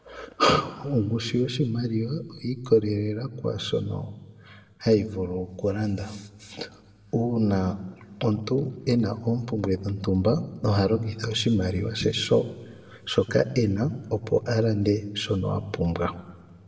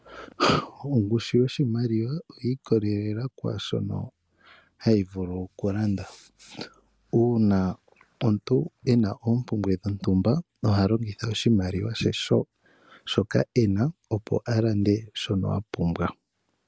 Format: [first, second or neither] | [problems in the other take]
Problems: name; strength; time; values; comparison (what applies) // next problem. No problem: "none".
second | room echo; dies away in 1.1 s